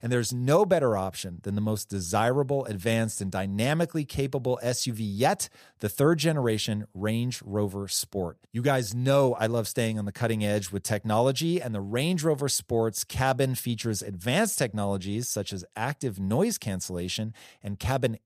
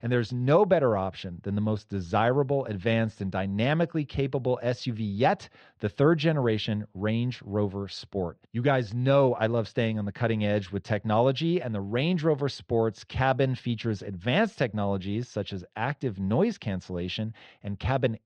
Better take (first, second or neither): first